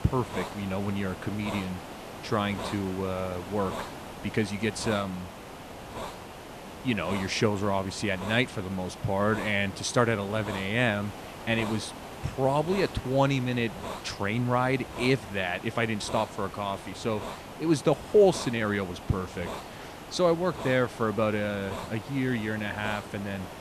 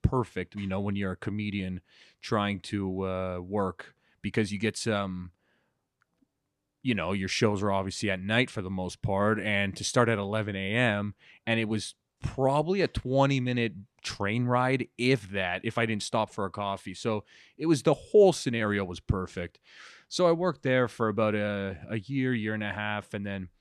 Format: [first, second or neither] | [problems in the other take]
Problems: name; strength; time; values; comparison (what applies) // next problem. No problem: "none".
second | hiss; noticeable; throughout; 10 dB below the speech